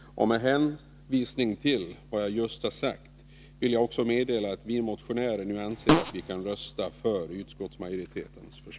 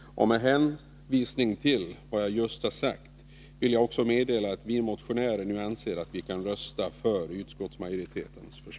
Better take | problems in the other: second | background sound (Fart); 4 dB above the speech

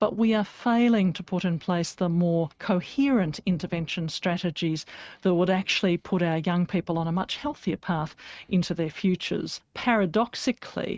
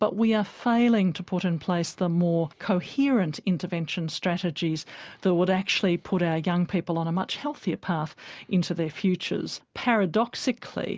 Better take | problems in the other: second | noise reduction (neural mask model RNNoise)

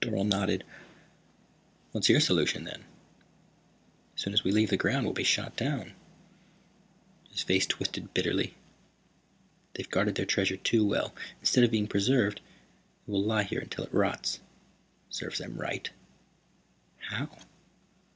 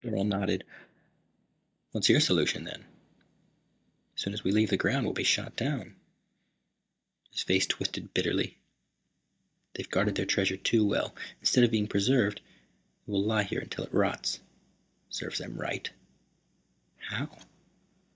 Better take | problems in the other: first | noise reduction (neural mask model DeepFilterNet 3)

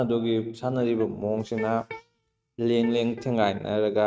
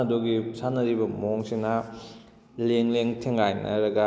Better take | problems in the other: second | noise reduction (neural mask model RNNoise)

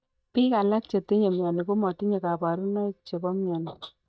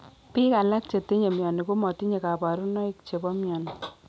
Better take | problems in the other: second | noise reduction (neural mask model DeepFilterNet 3)

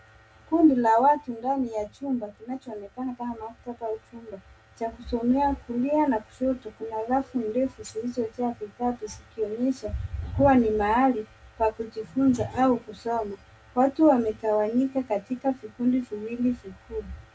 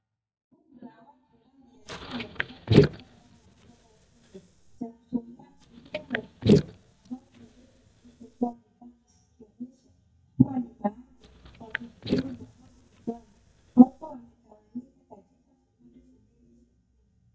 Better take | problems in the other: first | noise reduction (neural mask model DeepFilterNet 3)

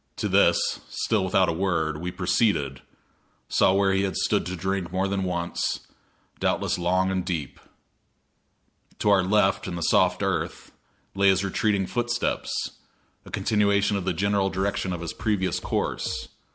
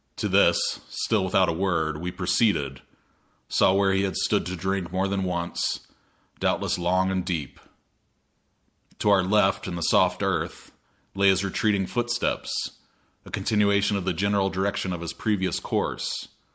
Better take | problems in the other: second | background sound (Drum kit); 13 dB below the speech

